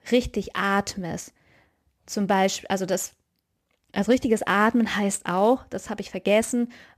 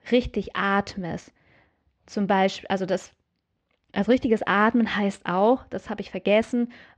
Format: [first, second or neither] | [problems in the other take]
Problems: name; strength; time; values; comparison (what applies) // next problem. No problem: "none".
first | muffled; slightly; fading above 4 kHz